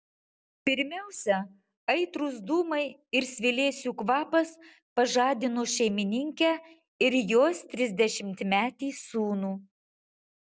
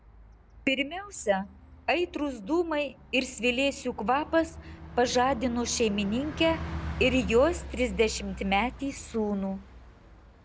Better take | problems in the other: first | background sound (Bus); 12 dB below the speech

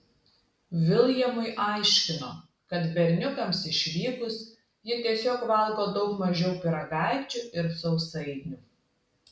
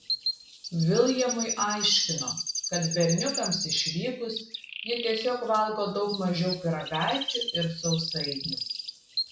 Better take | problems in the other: first | background sound (Chirp, tweet); 6 dB below the speech

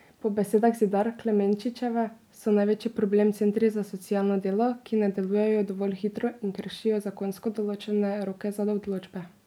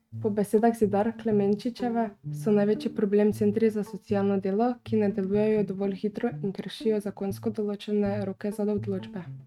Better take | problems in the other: first | noise reduction (neural mask model RNNoise)

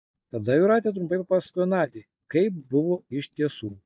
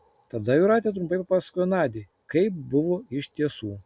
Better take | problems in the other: second | noise reduction (neural mask model DeepFilterNet 3)

